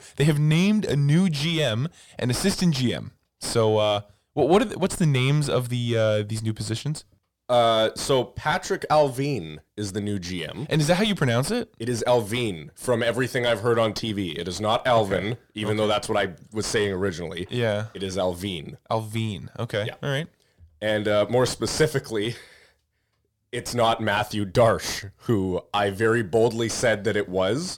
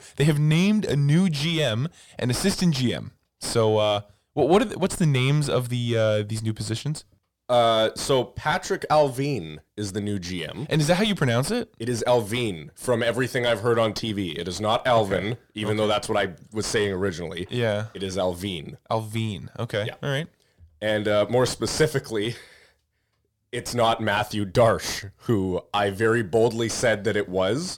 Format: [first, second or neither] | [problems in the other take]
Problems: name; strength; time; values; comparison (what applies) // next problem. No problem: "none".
neither | distortion; slight; 10 dB below the speech; the same in both